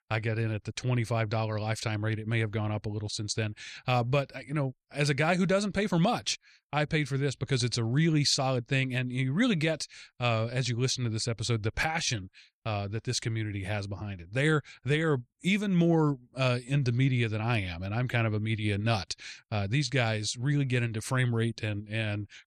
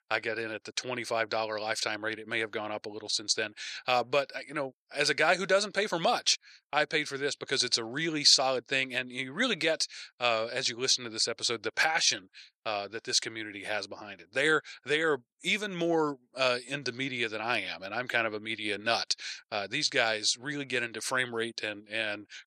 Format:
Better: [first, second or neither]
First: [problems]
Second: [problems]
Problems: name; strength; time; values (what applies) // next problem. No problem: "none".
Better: first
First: none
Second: thin; very; fading below 450 Hz